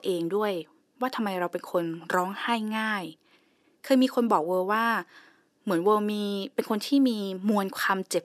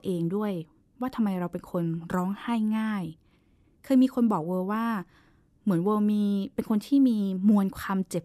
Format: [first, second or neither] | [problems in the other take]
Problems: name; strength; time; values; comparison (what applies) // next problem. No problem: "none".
second | thin; somewhat; fading below 450 Hz